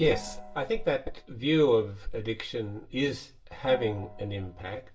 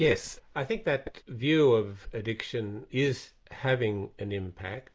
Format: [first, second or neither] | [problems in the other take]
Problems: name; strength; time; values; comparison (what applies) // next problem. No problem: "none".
second | background sound (Gong); 16 dB below the speech // room echo; dies away in 0.2 s